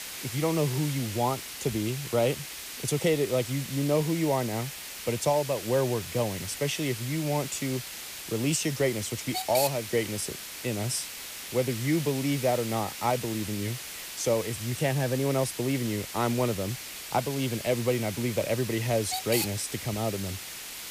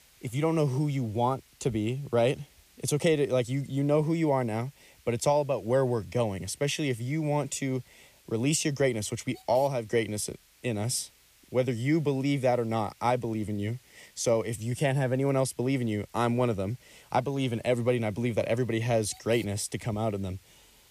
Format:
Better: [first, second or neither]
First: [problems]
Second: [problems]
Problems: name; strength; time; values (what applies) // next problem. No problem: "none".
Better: second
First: hiss; loud; throughout; 7 dB below the speech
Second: hiss; faint; throughout; 30 dB below the speech